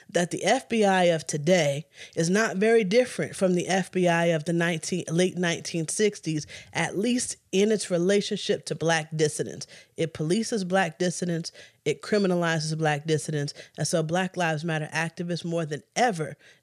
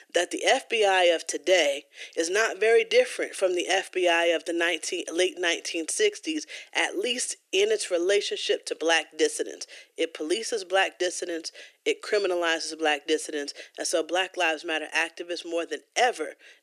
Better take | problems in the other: first | thin; very; fading below 300 Hz

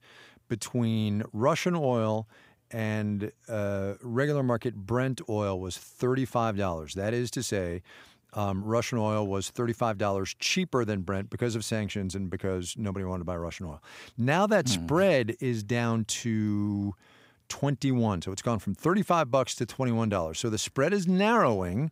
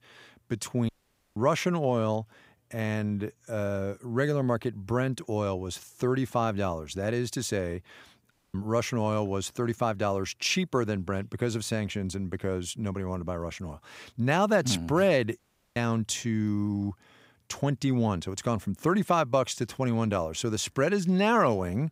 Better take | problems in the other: first | audio cutting out; at 1 s, at 8.5 s and at 15 s

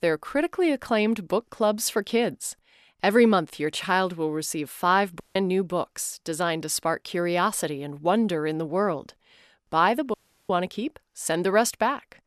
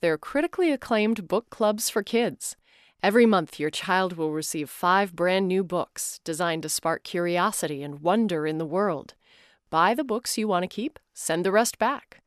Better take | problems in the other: second | audio cutting out; at 5 s and at 10 s

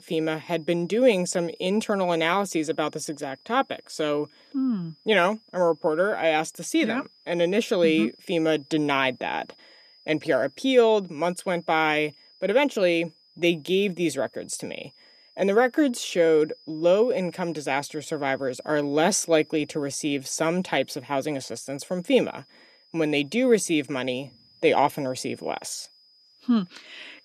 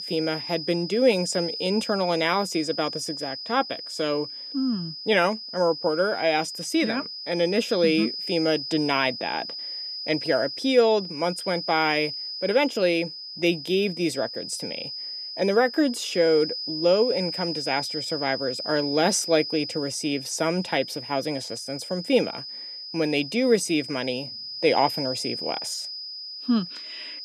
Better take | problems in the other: first | high-pitched whine; loud; throughout; 5 kHz, 7 dB below the speech; faint in the first

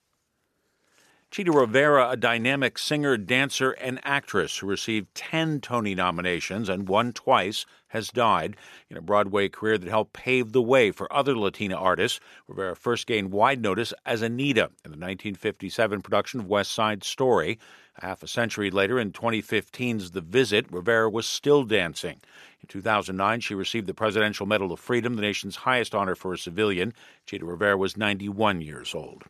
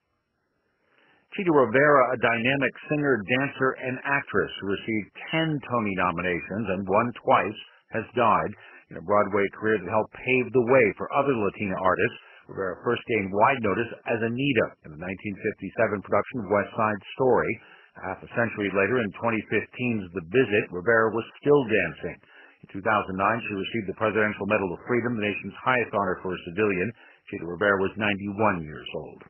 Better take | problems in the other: first | garbled, watery; badly; nothing above 3 kHz

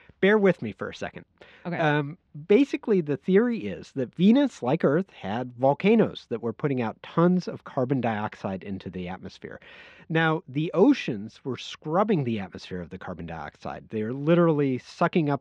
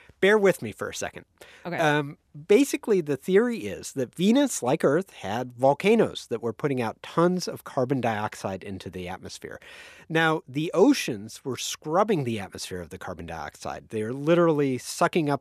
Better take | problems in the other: second | muffled; slightly; fading above 4 kHz

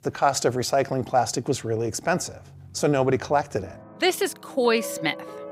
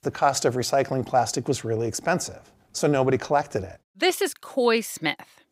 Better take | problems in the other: second | background music; noticeable; throughout; 20 dB below the speech

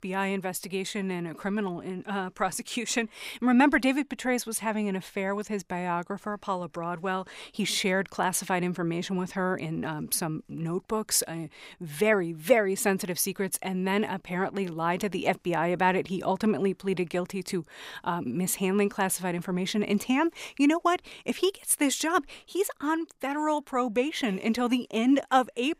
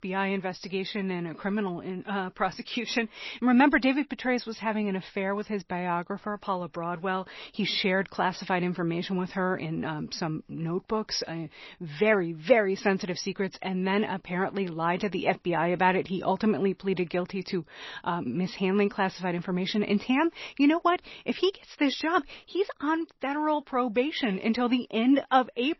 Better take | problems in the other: first | garbled, watery; slightly; nothing above 5.5 kHz

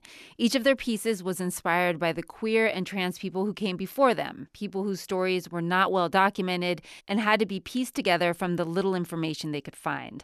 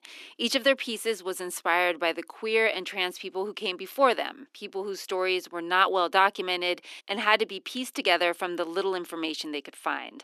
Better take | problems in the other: first | thin; somewhat; fading below 300 Hz

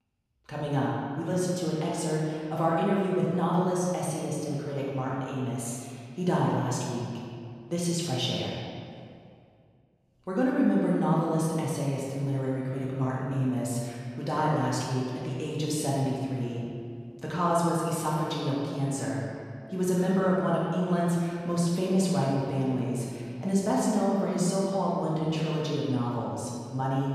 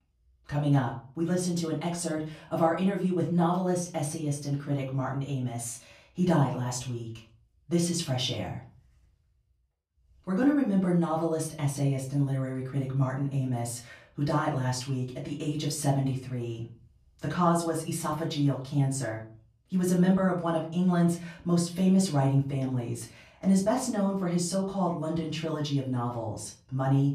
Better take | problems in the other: second | room echo; strong; dies away in 1.9 s; slight in the second // off-mic speech; far; far in the second

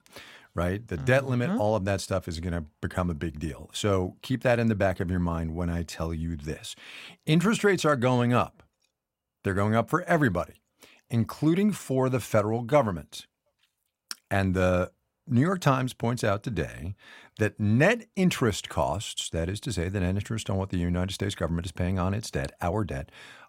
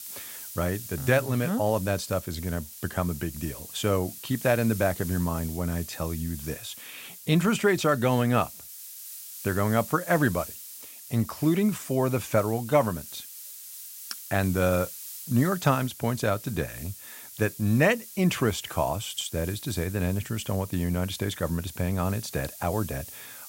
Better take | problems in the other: first | hiss; noticeable; throughout; 10 dB below the speech

